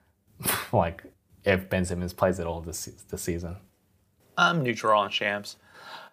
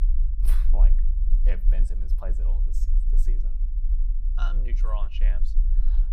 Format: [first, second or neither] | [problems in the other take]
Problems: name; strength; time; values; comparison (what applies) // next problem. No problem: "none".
first | low rumble; loud; throughout; 8 dB below the speech